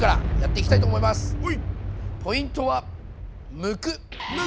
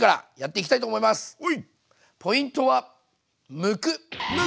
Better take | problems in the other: second | background sound (Boom + Bowed string instrument); 2 dB above the speech

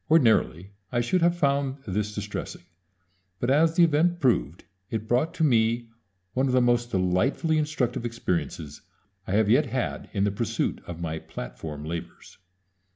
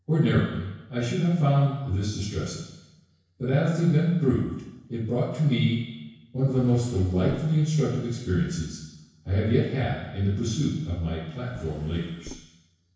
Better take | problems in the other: first | noise reduction (neural separator model SepFormer DNS4)

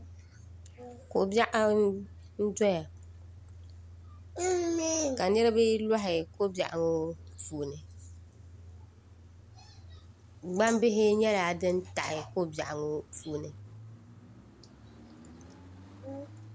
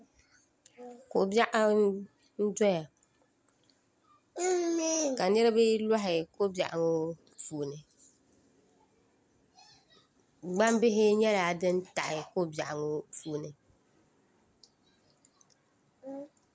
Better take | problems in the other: second | background sound (Idling / Engine starting / Accelerating, revving, vroom / Car); 18 dB below the speech

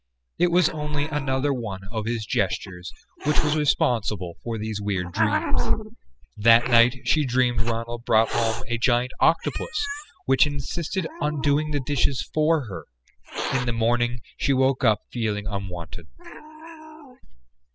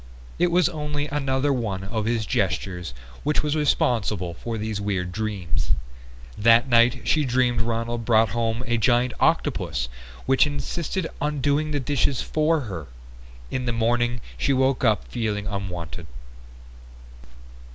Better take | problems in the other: second | noise reduction (classical method spectral subtraction)

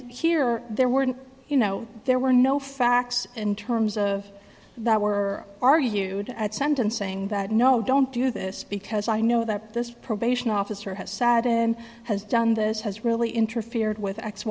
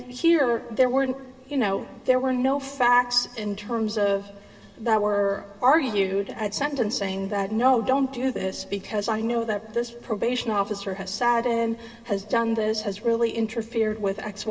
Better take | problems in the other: first | room echo; dies away in 2.9 s

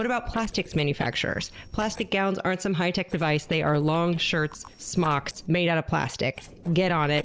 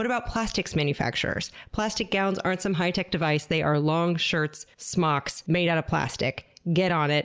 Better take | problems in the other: second | noise reduction (neural separator model SepFormer DNS4)

